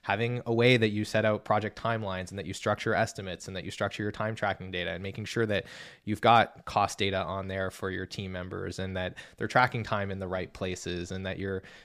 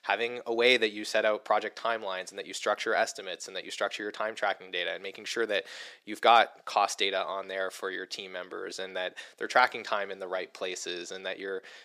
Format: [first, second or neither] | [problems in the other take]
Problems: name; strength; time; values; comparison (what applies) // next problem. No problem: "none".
first | thin; very; fading below 350 Hz